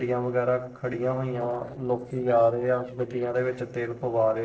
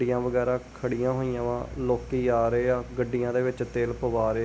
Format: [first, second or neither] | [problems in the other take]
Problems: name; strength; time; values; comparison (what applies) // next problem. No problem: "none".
second | noise reduction (neural separator model SepFormer DNS4)